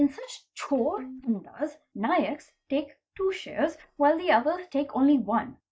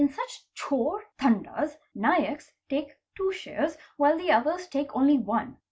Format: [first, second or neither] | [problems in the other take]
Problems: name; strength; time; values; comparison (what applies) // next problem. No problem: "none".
second | noise reduction (neural mask model DeepFilterNet 3)